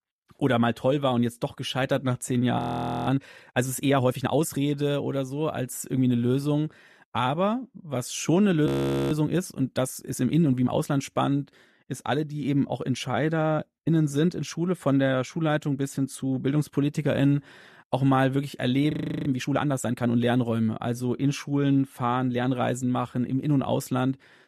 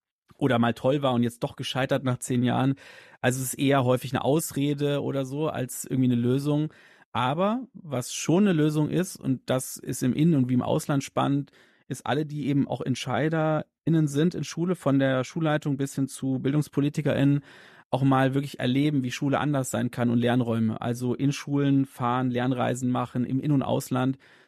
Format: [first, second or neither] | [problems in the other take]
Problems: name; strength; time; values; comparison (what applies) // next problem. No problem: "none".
second | audio freezing; at 2.5 s, at 8.5 s and at 19 s